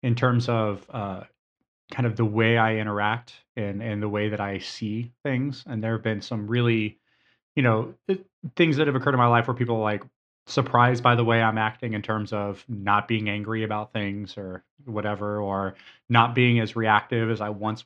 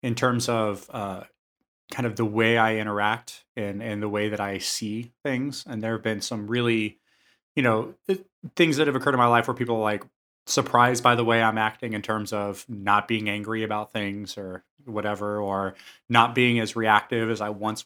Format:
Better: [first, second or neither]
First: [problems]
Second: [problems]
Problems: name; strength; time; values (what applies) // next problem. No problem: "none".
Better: second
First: muffled; slightly; fading above 4 kHz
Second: none